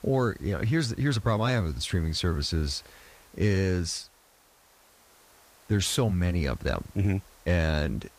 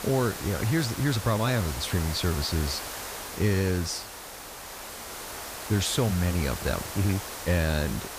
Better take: first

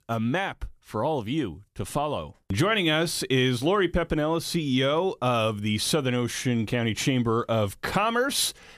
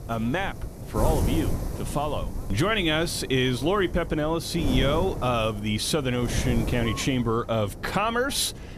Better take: first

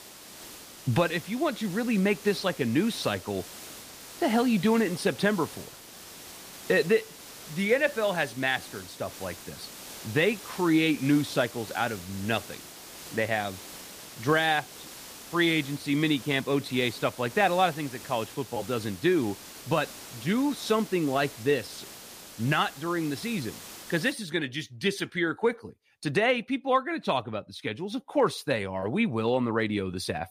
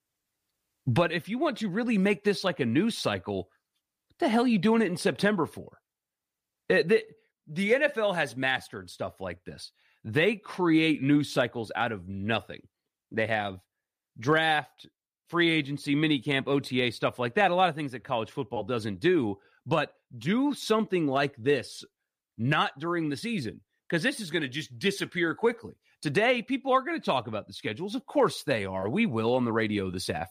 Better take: second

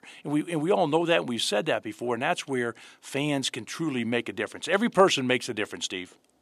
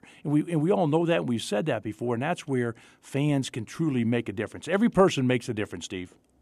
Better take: second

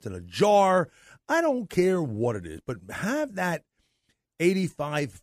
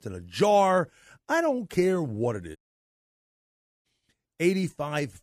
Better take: first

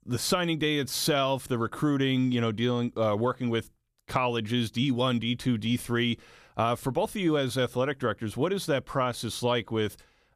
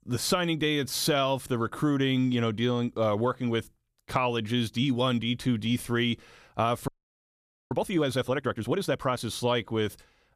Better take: first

